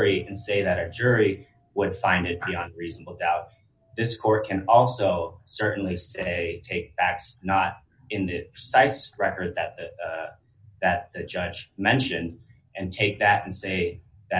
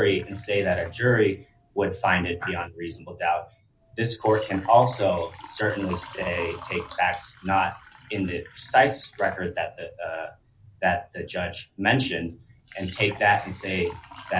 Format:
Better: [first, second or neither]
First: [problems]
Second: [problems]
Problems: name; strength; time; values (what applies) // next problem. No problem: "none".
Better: first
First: none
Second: background sound (Water / Liquid); 20 dB below the speech